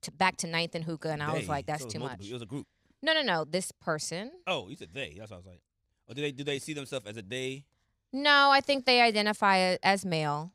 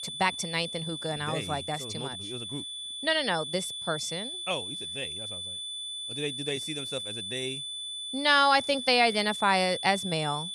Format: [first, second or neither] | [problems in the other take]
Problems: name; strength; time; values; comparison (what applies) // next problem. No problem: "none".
first | high-pitched whine; loud; throughout; 3.5 kHz, 6 dB below the speech